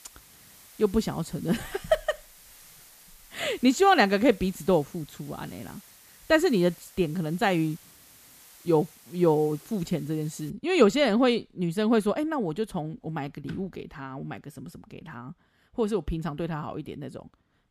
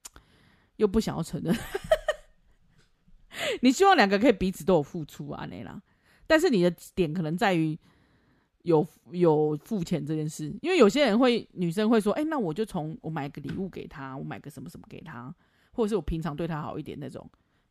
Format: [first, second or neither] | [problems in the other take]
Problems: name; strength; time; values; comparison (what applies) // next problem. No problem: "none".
second | hiss; faint; until 11 s; 25 dB below the speech